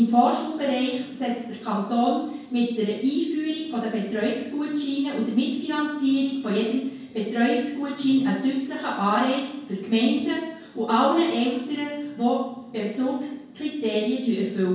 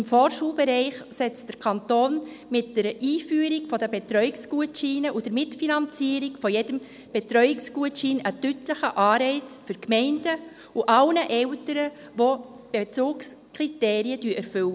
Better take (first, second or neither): second